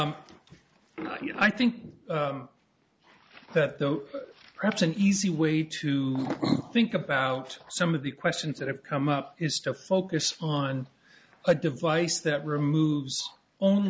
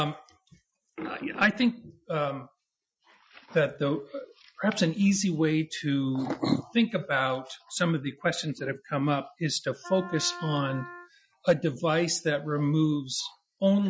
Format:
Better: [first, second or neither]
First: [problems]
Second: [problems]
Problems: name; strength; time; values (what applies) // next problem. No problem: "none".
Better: first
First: none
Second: noise reduction (classical method Wiener filter)